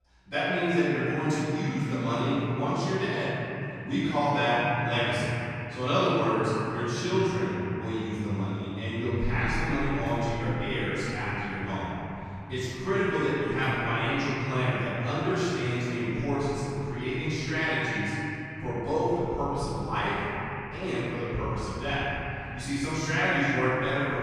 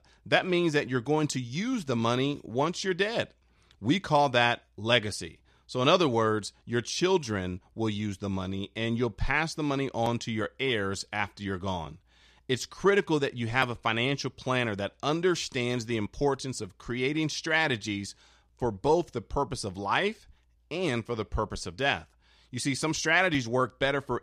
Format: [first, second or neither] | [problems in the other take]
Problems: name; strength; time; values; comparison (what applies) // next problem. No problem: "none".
second | room echo; strong; dies away in 3 s // off-mic speech; far